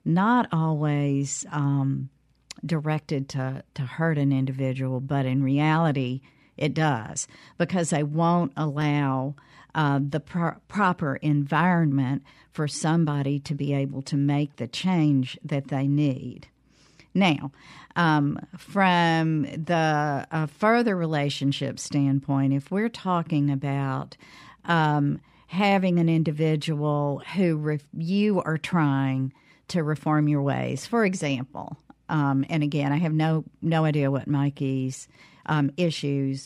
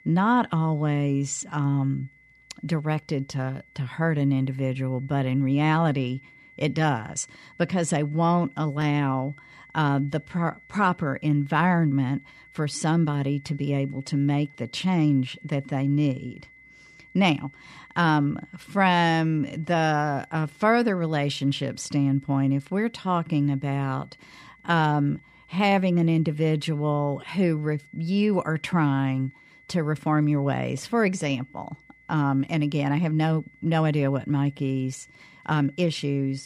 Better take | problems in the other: first | high-pitched whine; faint; throughout; 2 kHz, 25 dB below the speech

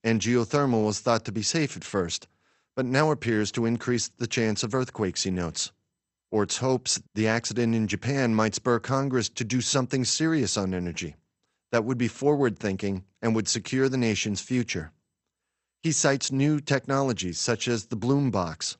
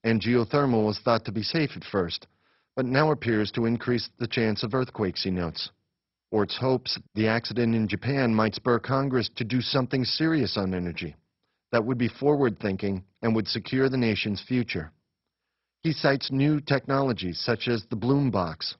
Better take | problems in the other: first | garbled, watery; badly; nothing above 5.5 kHz; slightly in the first

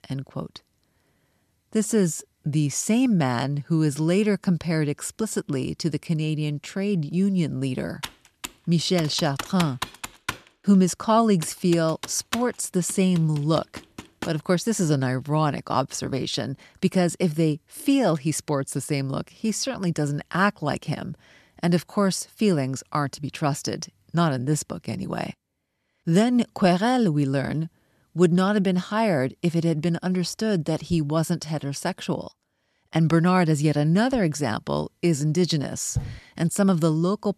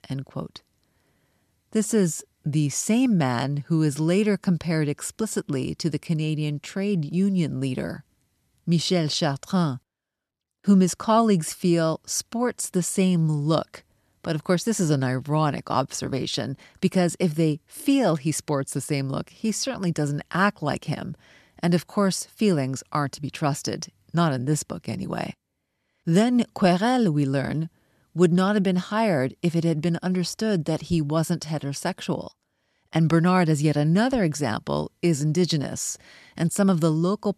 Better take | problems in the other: second | keyboard typing; noticeable; from 8 to 14 s; peak 7 dB below the speech // door banging; noticeable; at 36 s; peak 8 dB below the speech

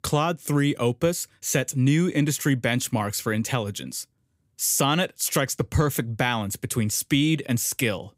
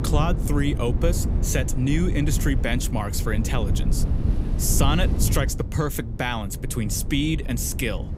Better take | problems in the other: first | wind noise on the microphone; heavy; 10 dB below the speech

